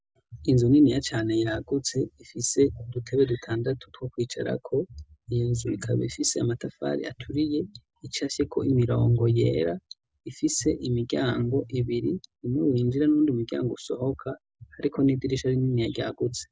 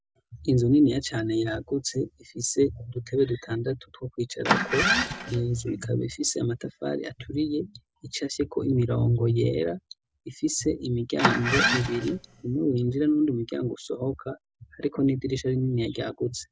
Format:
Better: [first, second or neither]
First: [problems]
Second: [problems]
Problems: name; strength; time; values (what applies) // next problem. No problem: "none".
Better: first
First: none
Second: background sound (Engine starting); as loud as the speech